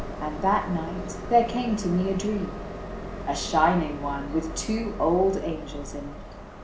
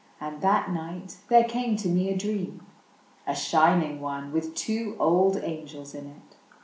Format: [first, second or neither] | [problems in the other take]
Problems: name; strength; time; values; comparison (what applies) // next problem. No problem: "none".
second | background sound (Train); 8 dB below the speech